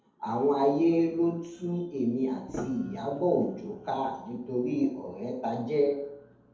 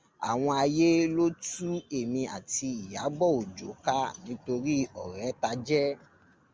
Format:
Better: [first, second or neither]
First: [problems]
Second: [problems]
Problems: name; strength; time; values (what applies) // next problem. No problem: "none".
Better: second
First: background sound (Piano); 15 dB below the speech // room echo; dies away in 2.1 s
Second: none